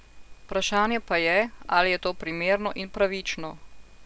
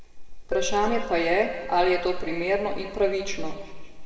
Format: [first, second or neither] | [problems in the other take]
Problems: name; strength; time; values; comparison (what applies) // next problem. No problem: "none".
first | noise reduction (neural separator model SepFormer DNS4)